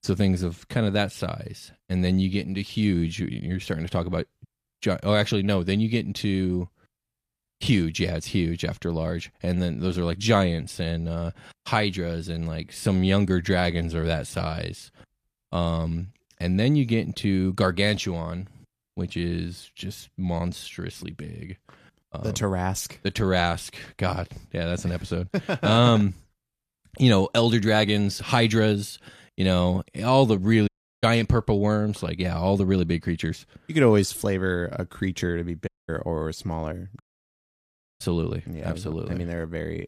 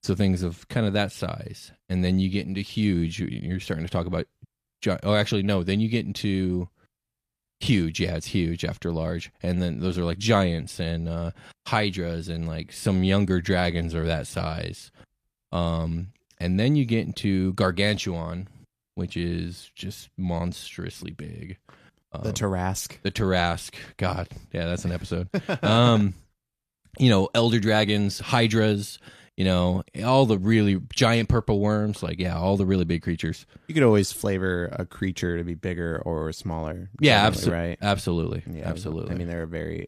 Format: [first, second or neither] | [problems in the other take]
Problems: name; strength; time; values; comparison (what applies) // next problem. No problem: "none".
second | audio cutting out; at 31 s, at 36 s and at 37 s for 1 s